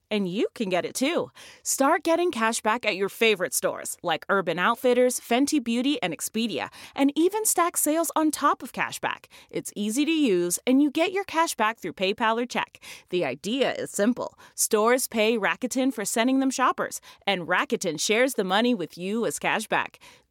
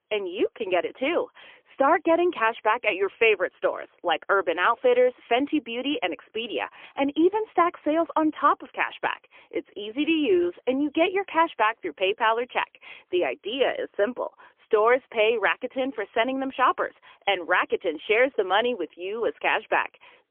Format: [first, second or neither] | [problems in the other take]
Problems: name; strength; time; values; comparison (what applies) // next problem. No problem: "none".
first | phone-call audio; poor line; nothing above 3 kHz